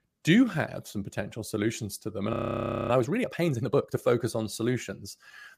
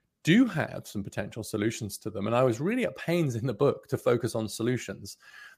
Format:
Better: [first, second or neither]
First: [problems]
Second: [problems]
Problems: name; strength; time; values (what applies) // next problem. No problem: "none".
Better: second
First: audio freezing; at 2.5 s for 0.5 s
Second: none